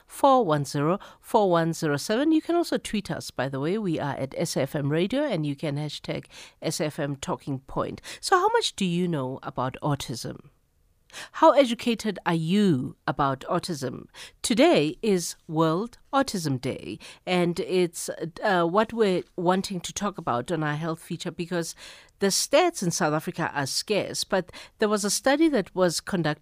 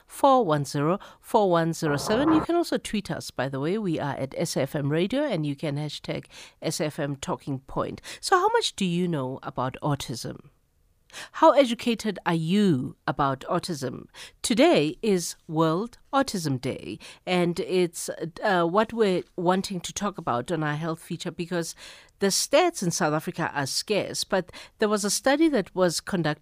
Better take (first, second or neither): first